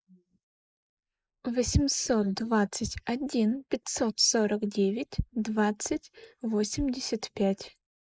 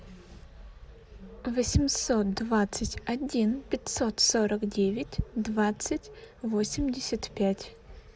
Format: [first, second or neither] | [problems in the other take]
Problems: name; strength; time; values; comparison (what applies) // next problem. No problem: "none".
second | noise reduction (neural mask model Resemble Enhance denoiser)